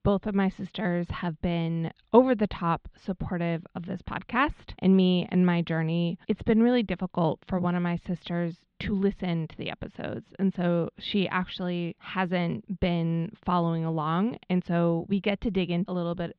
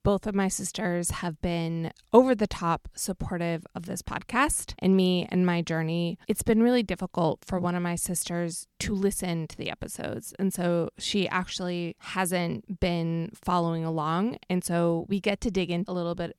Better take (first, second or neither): second